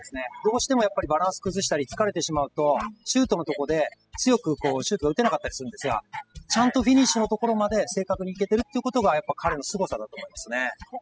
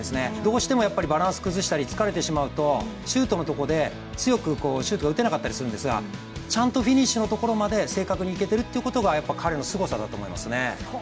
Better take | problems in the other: second | noise reduction (classical method spectral subtraction)

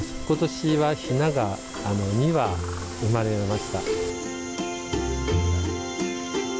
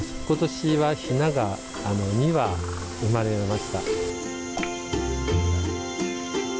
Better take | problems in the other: first | background sound (Drip / Water); 10 dB below the speech

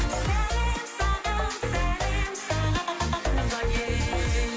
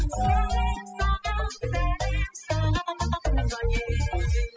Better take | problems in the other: first | noise reduction (classical method spectral subtraction)

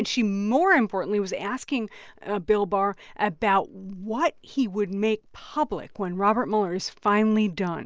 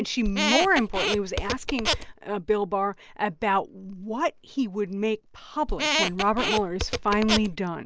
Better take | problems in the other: first | background sound (Squeak); 1 dB below the speech

